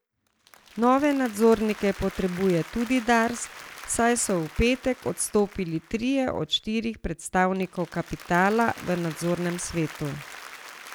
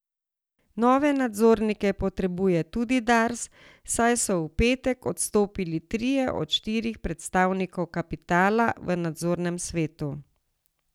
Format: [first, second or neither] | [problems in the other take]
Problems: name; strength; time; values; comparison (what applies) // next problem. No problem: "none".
second | background sound (Applause); 18 dB below the speech